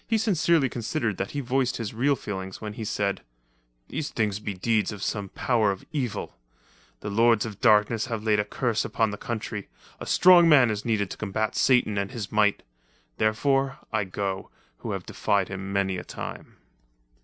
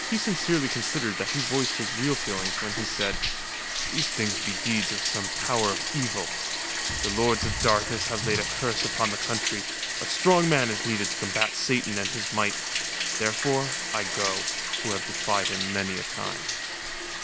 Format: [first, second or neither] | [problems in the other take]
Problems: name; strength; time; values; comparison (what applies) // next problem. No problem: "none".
first | background sound (Bathtub (filling or washing)); as loud as the speech